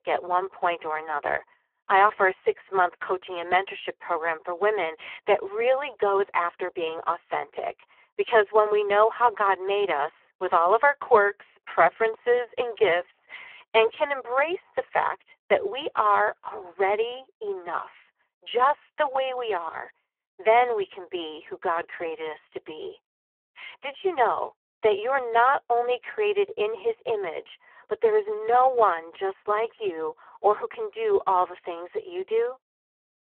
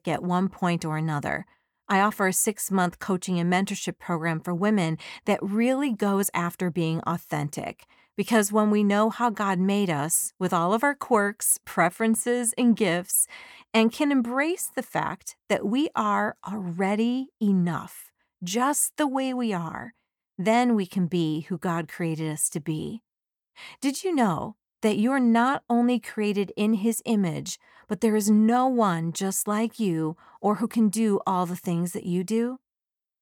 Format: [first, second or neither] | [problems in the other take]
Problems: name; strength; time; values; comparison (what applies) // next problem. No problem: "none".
second | phone-call audio; poor line